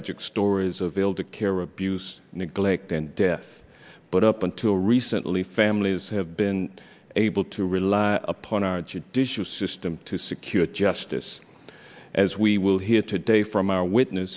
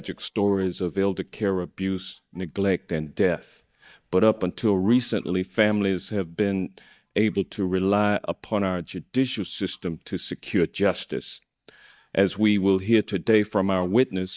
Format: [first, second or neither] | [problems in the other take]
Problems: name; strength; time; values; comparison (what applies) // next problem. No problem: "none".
first | noise reduction (neural mask model DeepFilterNet 3)